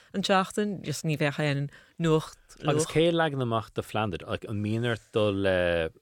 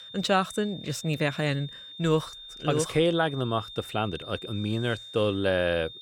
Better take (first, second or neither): first